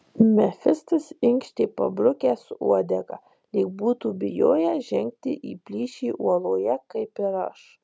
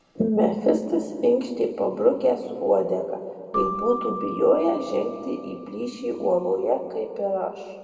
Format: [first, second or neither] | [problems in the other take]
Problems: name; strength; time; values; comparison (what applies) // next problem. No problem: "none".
first | background sound (Keyboard (musical)); 13 dB below the speech // room echo; dies away in 2 s